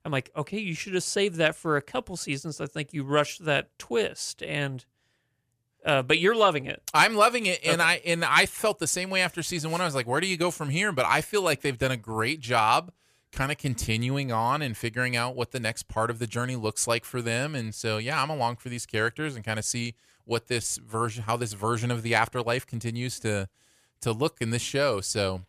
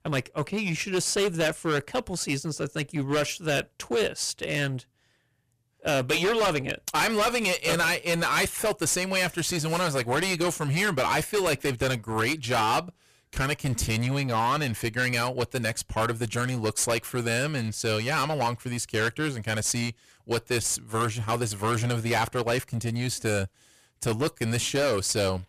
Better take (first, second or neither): first